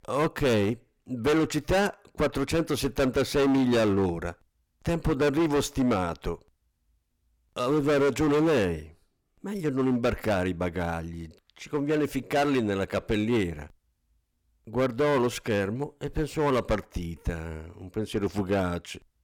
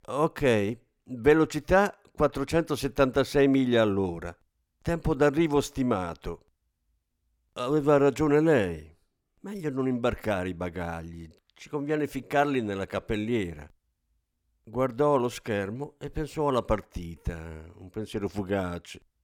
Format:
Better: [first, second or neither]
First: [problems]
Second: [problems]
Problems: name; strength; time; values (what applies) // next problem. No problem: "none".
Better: second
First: distortion; heavy; 11% of the sound clipped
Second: none